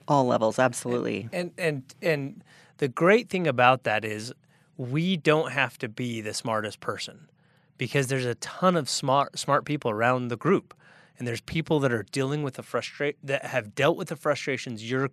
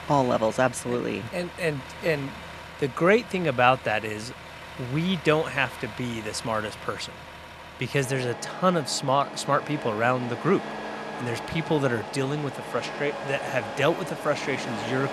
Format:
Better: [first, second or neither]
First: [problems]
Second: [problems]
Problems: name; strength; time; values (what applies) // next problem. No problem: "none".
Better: first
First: none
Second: traffic noise; noticeable; throughout; 10 dB below the speech